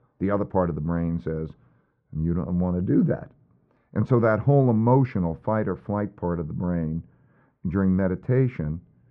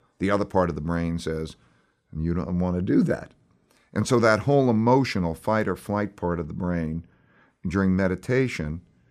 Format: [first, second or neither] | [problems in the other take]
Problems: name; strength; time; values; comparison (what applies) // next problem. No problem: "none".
second | muffled; very; fading above 1 kHz